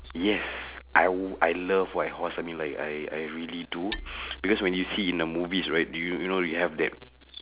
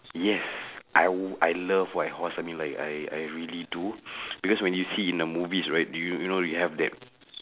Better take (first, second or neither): second